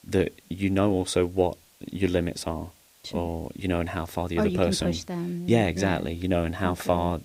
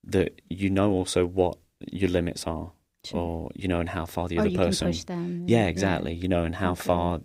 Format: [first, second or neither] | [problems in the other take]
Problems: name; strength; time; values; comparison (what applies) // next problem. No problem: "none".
second | hiss; faint; throughout; 30 dB below the speech